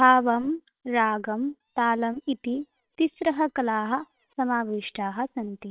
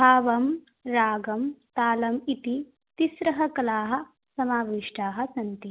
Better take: second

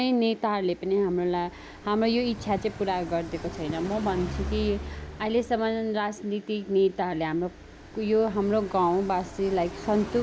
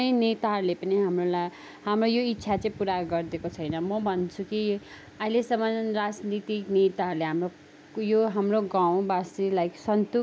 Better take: second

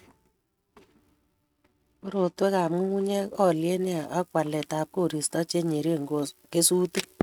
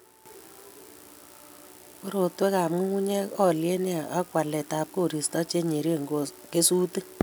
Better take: second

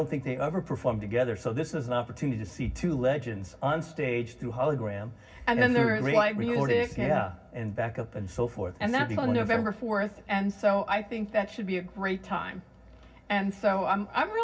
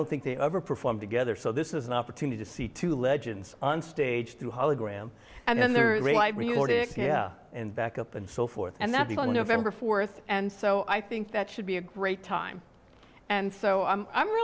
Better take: second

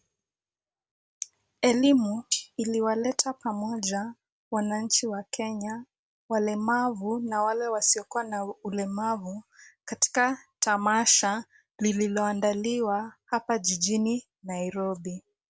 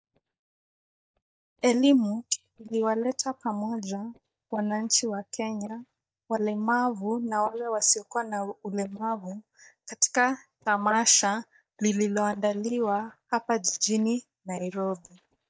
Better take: first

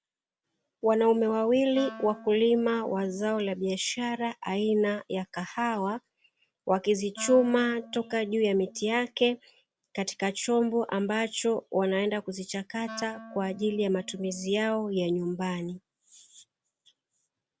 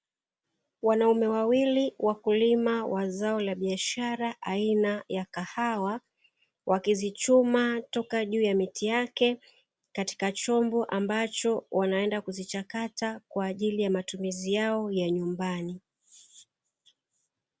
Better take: second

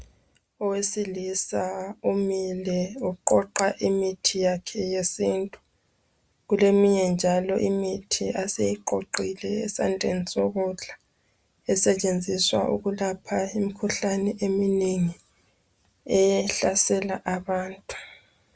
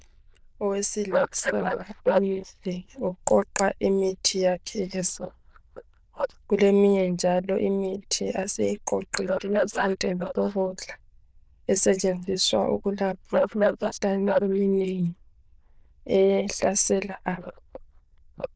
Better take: first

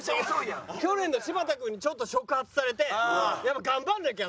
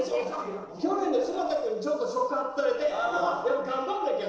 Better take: first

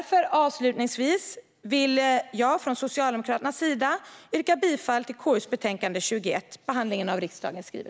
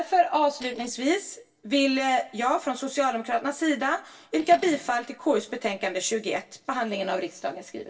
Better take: first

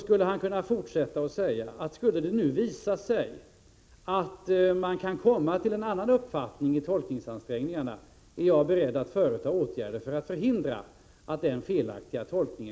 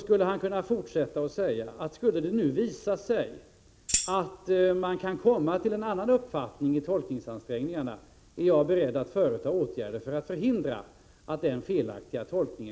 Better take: first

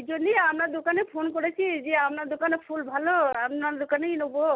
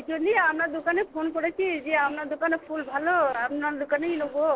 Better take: first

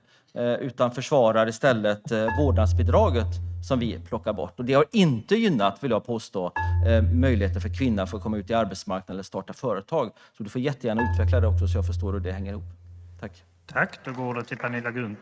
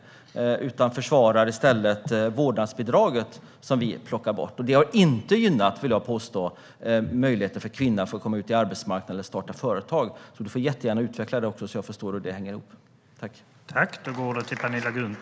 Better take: second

